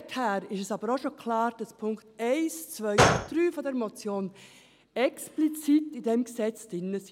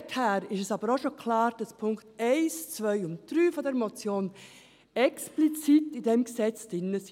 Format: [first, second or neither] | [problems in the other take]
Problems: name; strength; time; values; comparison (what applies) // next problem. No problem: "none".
second | background sound (Gunshot, gunfire); 1 dB above the speech